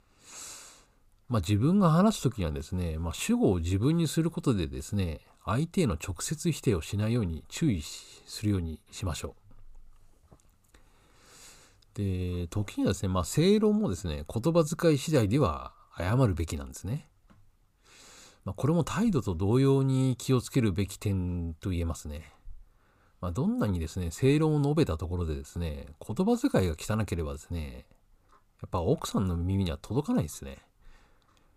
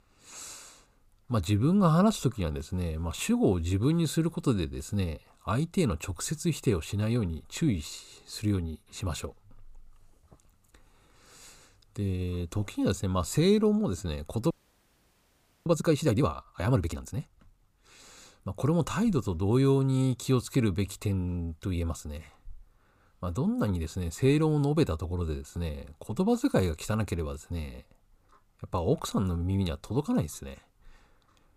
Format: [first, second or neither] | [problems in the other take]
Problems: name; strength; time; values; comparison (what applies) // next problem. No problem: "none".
first | audio freezing; at 15 s for 1 s